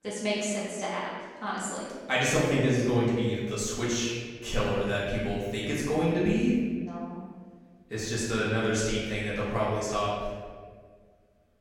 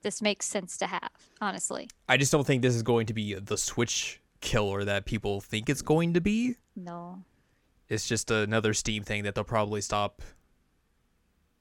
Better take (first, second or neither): second